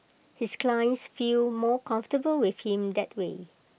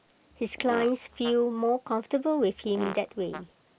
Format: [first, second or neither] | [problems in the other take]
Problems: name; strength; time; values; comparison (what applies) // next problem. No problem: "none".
first | background sound (Fart); 13 dB below the speech